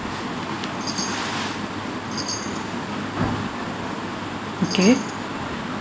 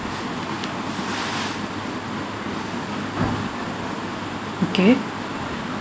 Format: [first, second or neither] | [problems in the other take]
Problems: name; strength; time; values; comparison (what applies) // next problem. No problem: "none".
second | background sound (Chime); 11 dB below the speech